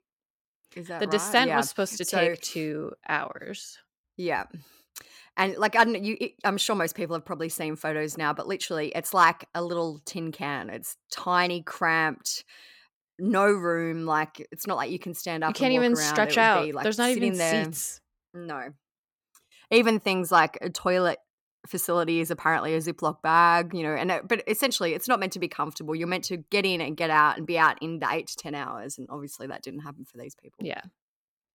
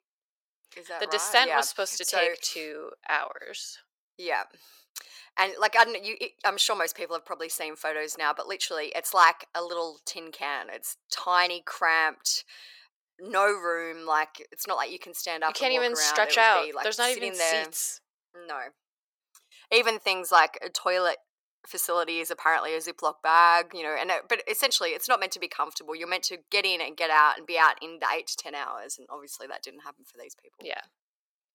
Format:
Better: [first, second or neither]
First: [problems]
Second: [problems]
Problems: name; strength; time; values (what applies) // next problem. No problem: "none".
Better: first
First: none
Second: thin; very; fading below 500 Hz